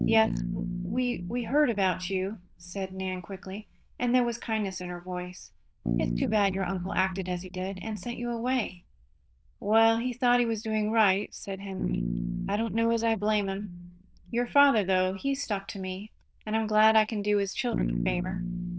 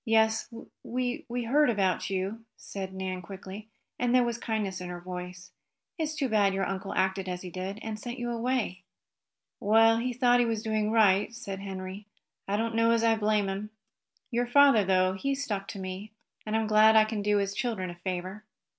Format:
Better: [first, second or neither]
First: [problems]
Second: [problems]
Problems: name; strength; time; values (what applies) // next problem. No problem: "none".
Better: second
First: noise reduction (neural diffusion model UNIVERSE++)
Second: none